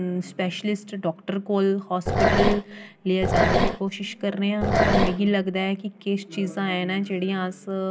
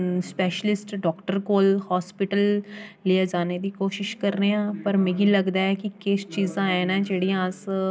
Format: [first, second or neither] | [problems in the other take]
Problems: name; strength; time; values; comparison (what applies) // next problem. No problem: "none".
second | background sound (Growling); 2 dB above the speech